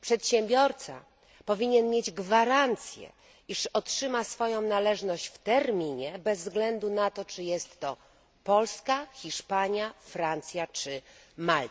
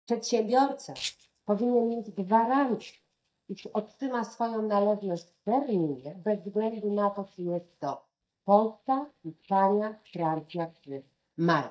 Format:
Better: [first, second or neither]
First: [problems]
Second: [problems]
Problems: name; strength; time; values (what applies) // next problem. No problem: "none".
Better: first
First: none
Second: noise reduction (neural mask model DeepFilterNet 3)